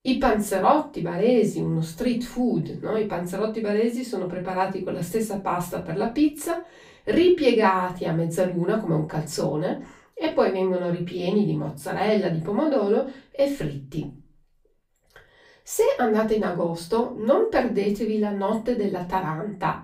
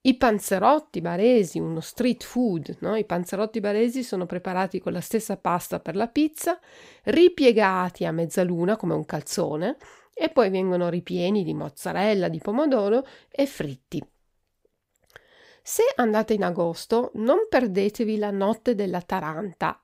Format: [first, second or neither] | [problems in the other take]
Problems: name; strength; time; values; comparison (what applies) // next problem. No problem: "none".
second | off-mic speech; far // room echo; very slight; dies away in 0.3 s